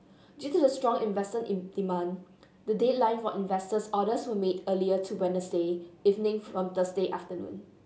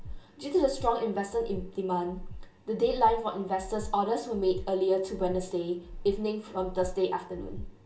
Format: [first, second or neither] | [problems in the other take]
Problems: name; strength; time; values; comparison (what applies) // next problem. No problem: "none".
first | background sound (Breathing); 12 dB below the speech // room echo; dies away in 0.2 s